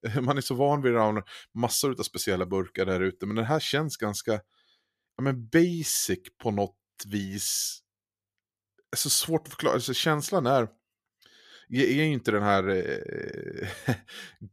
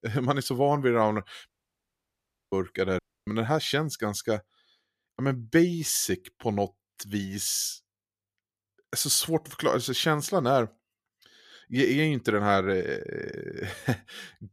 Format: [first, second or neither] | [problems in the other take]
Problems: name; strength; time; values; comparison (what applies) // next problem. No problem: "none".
first | audio cutting out; at 1.5 s for 1 s and at 3 s